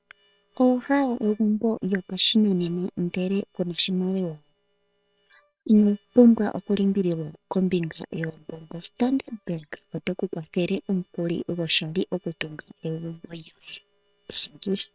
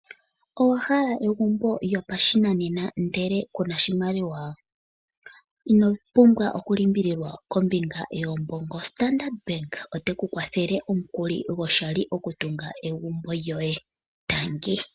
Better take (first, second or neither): second